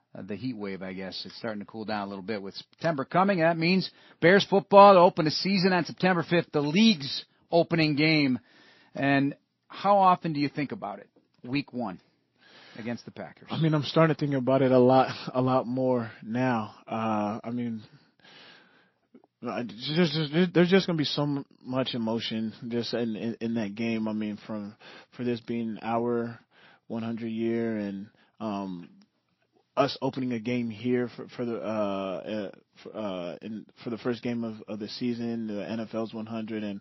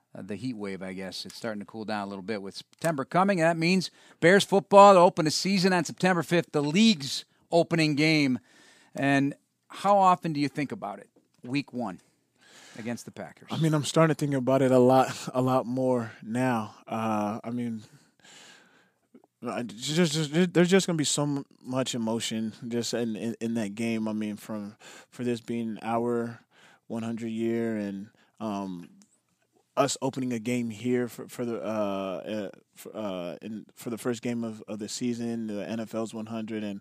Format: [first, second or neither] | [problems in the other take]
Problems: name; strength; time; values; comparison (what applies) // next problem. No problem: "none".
second | garbled, watery; slightly; nothing above 5.5 kHz